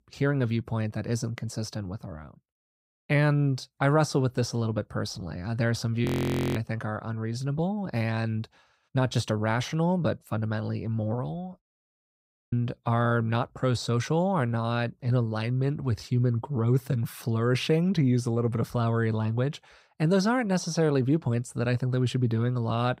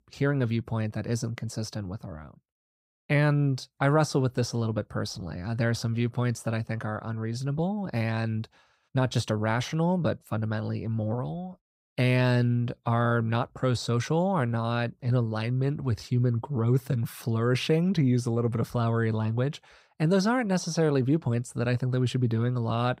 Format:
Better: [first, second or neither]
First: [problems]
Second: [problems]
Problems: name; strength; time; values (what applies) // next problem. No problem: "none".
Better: second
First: audio freezing; at 6 s for 0.5 s and at 12 s for 0.5 s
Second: none